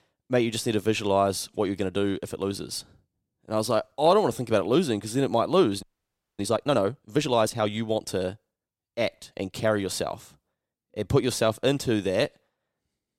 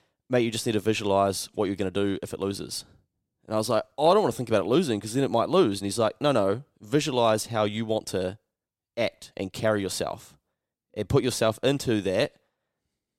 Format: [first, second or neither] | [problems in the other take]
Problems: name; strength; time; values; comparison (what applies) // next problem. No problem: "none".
second | audio freezing; at 6 s for 0.5 s